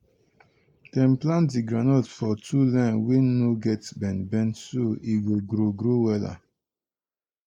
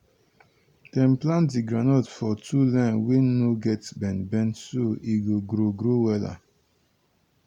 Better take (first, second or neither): second